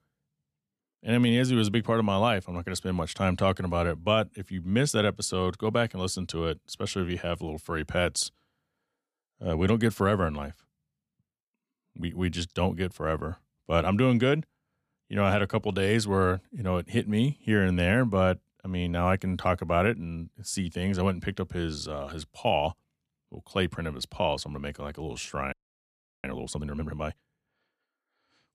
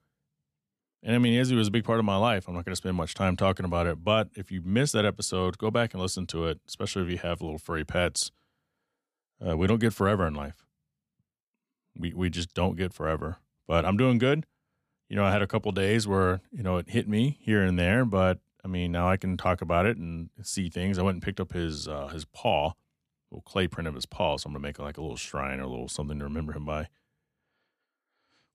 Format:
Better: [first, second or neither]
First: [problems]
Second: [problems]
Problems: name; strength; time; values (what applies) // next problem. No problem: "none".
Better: second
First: audio freezing; at 26 s for 0.5 s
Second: none